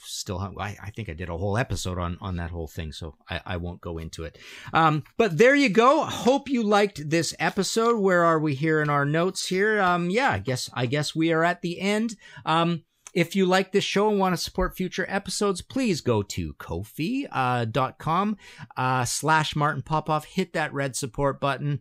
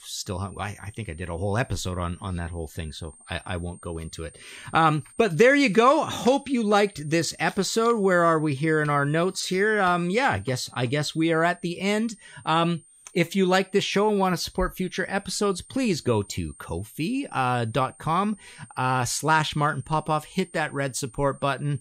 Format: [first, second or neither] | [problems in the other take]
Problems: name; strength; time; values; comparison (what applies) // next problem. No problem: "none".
first | high-pitched whine; faint; throughout; 8.5 kHz, 25 dB below the speech